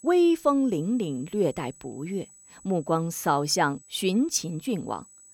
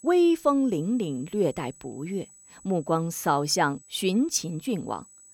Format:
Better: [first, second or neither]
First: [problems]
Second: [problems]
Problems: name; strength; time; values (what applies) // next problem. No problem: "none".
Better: neither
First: high-pitched whine; faint; throughout; 8 kHz, 25 dB below the speech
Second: high-pitched whine; faint; throughout; 8 kHz, 25 dB below the speech